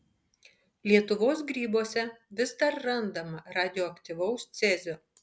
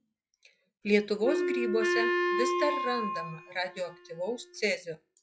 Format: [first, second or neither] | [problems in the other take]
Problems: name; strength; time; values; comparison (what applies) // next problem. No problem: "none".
first | noise reduction (classical method log-MMSE)